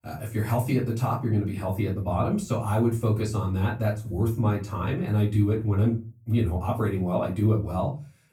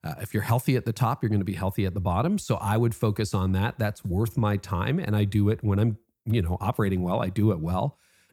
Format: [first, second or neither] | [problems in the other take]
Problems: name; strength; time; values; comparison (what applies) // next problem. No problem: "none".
second | off-mic speech; far // room echo; slight; dies away in 0.3 s